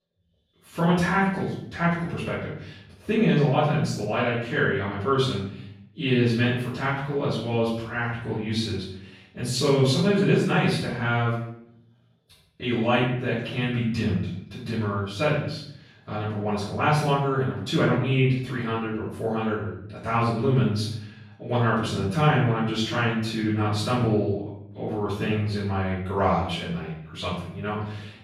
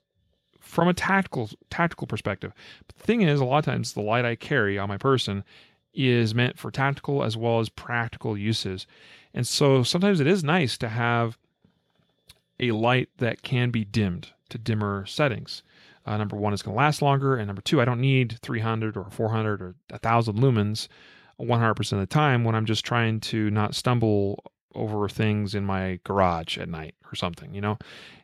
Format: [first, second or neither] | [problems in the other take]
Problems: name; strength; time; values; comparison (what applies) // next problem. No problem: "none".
second | off-mic speech; far // room echo; noticeable; dies away in 0.6 s